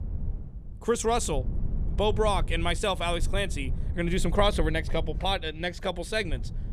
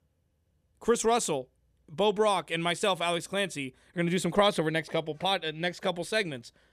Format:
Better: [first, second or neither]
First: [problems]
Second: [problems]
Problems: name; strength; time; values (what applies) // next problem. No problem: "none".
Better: second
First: low rumble; faint; throughout; 20 dB below the speech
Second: none